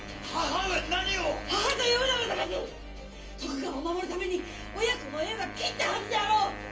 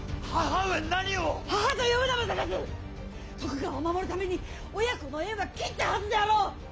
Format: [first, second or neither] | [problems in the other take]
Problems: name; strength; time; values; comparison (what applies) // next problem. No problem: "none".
second | background sound (Wind instrument, woodwind instrument); 13 dB below the speech // room echo; dies away in 0.3 s